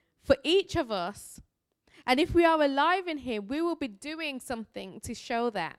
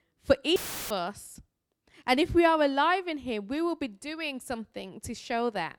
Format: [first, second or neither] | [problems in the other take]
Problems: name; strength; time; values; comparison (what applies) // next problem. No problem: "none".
first | audio cutting out; filled with static; at 0.5 s